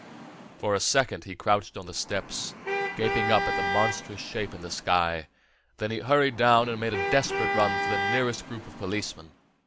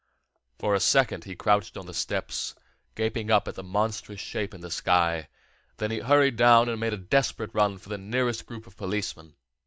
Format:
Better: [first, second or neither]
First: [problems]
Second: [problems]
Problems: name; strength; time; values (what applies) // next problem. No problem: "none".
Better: second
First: background sound (Traffic noise, roadway noise / Vehicle horn, car horn, honking); 5 dB below the speech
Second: none